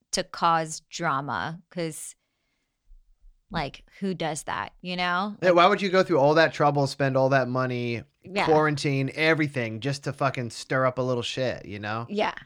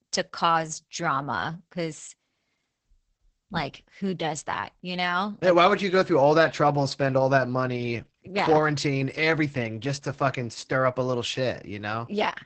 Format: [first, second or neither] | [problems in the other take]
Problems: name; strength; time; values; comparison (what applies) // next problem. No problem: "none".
first | garbled, watery; badly; nothing above 8 kHz